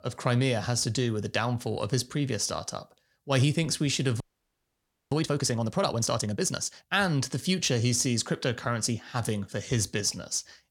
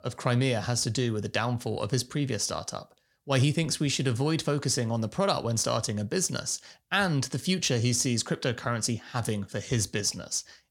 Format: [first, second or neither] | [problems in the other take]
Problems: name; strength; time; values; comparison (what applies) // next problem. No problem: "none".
second | audio freezing; at 4 s for 1 s